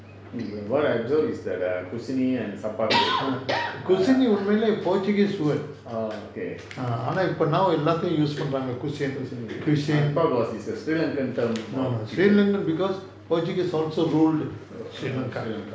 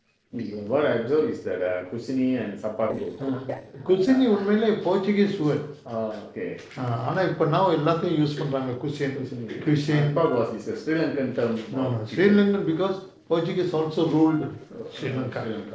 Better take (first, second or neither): first